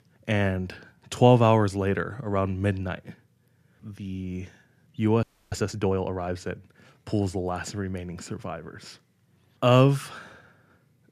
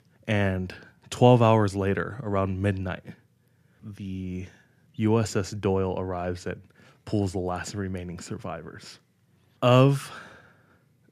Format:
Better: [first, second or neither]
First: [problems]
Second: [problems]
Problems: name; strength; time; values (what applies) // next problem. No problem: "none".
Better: second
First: audio freezing; at 5 s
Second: none